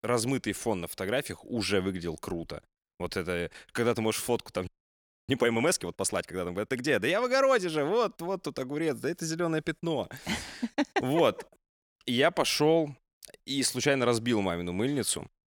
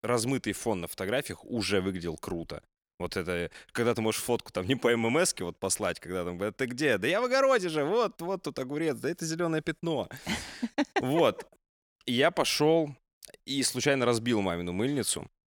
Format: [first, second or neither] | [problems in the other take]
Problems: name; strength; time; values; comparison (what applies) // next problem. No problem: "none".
second | audio freezing; at 4.5 s for 0.5 s